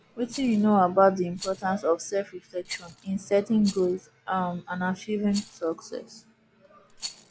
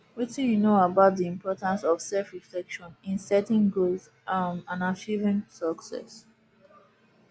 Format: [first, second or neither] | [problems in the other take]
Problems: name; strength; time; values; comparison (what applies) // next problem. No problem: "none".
second | background sound (Rattle); 19 dB below the speech